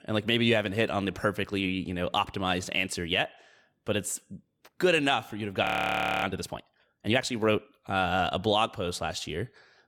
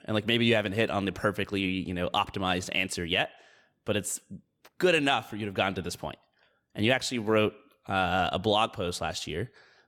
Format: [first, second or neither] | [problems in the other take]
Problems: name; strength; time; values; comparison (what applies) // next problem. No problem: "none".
second | audio freezing; at 5.5 s for 0.5 s